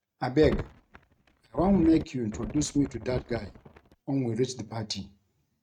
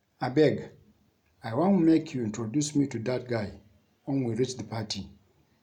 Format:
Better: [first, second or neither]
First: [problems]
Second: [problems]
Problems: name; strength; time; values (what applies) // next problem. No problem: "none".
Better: second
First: noise reduction (neural mask model RNNoise)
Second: none